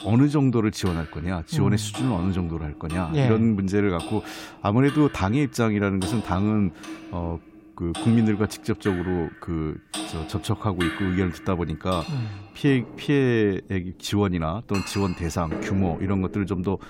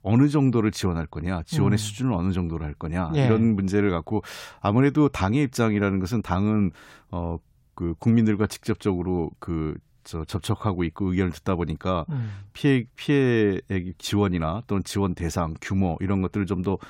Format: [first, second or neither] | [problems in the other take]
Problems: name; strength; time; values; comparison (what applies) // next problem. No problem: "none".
second | household noises; noticeable; throughout; 15 dB below the speech